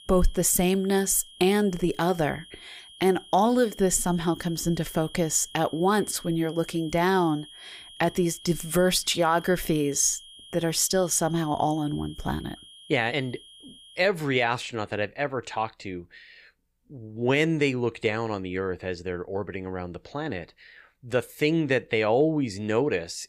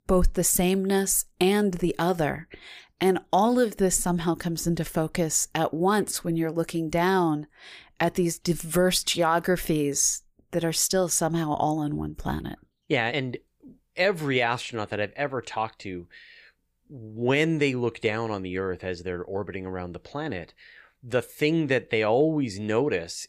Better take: second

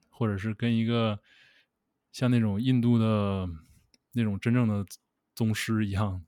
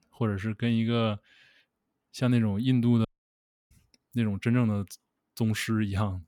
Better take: first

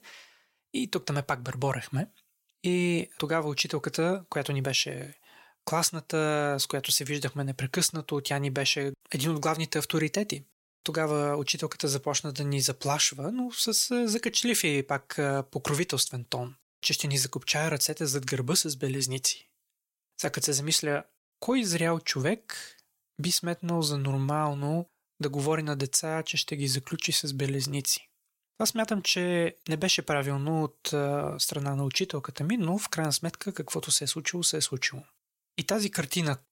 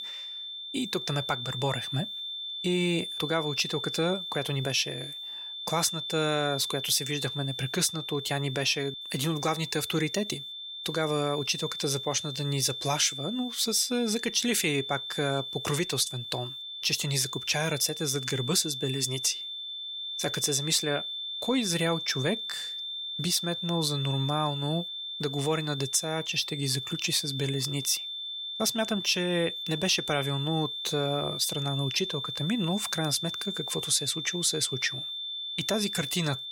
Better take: first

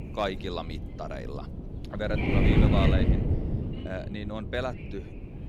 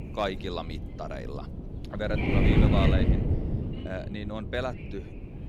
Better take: neither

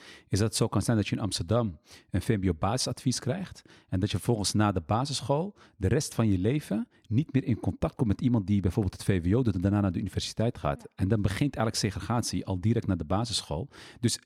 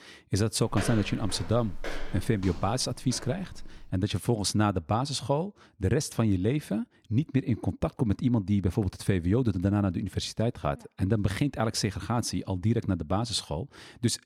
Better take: first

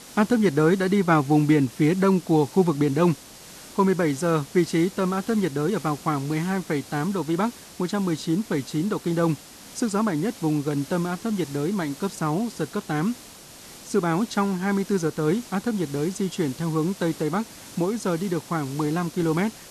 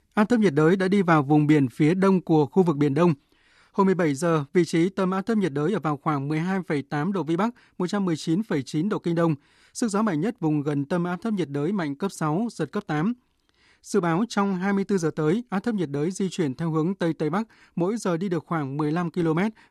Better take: second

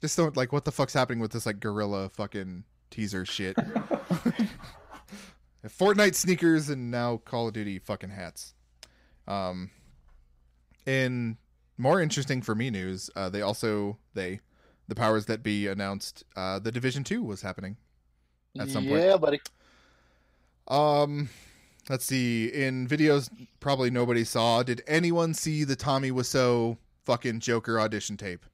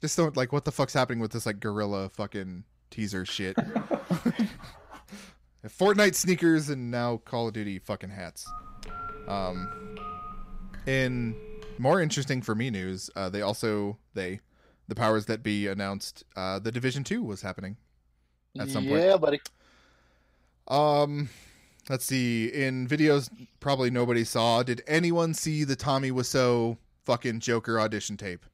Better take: first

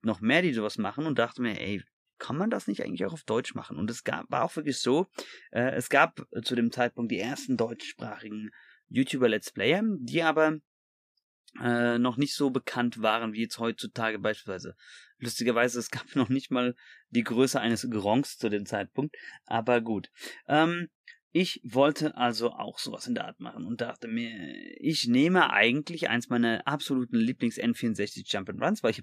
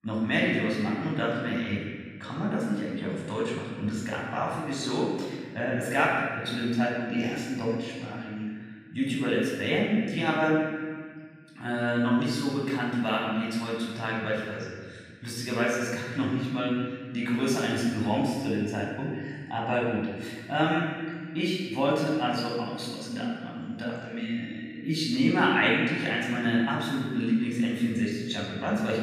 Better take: first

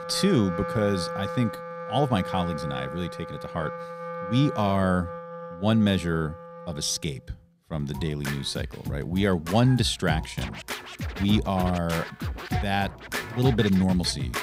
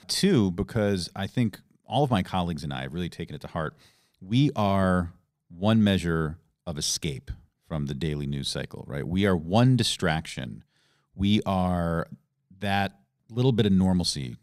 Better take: second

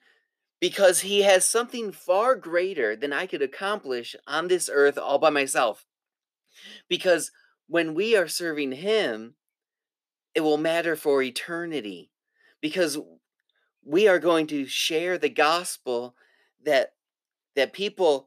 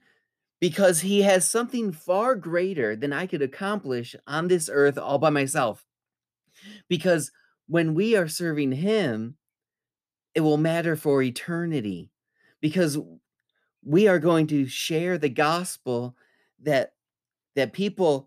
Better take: second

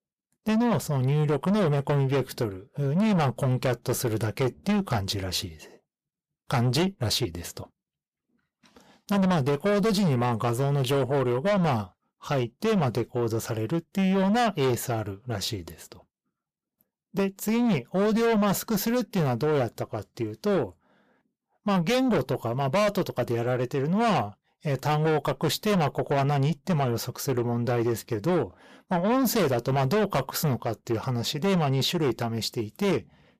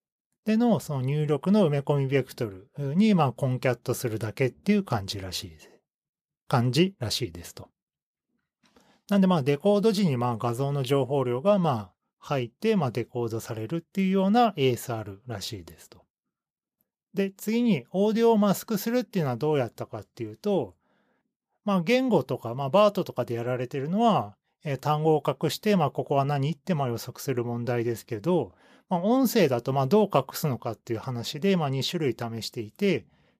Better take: second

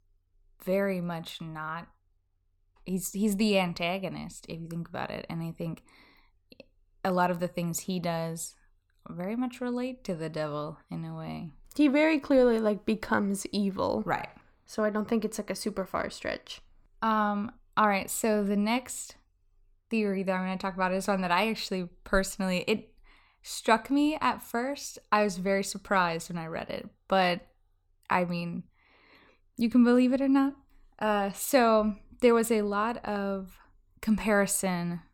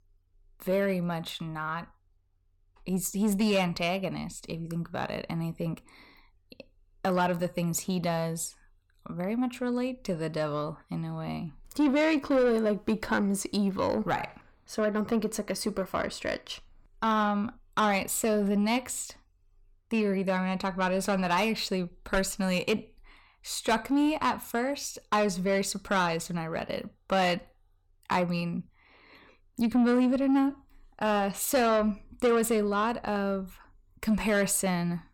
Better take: first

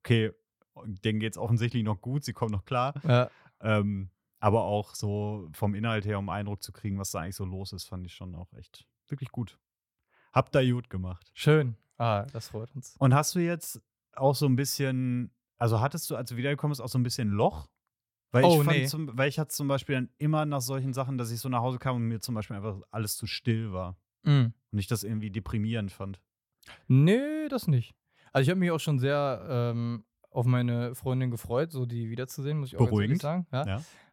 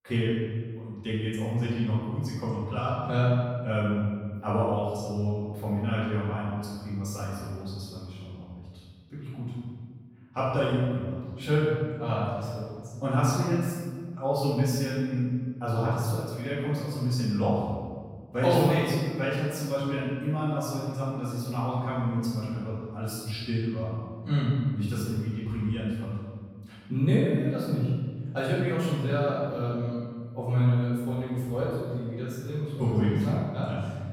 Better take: first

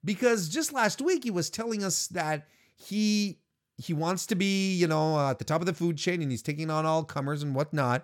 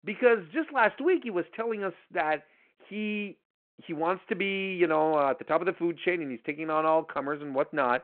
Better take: first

